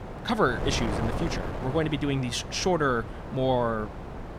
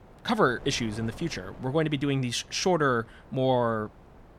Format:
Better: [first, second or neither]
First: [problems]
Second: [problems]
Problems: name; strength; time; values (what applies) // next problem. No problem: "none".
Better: second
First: wind noise on the microphone; heavy; 9 dB below the speech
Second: wind noise on the microphone; occasional gusts; 25 dB below the speech